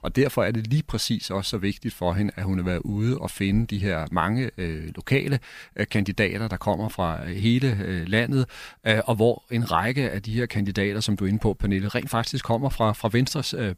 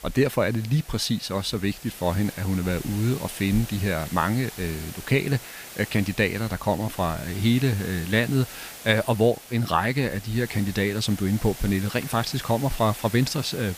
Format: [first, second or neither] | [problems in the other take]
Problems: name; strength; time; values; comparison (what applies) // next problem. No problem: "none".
first | hiss; noticeable; throughout; 15 dB below the speech